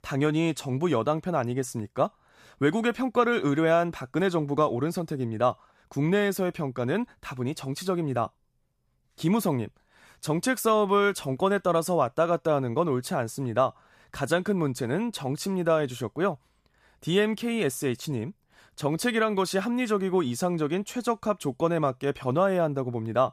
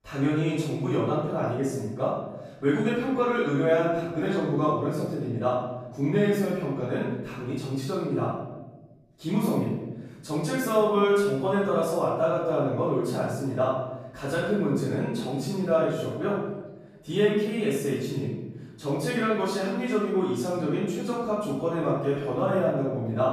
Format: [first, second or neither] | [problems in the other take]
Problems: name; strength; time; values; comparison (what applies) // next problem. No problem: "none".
first | off-mic speech; far // room echo; strong; dies away in 1 s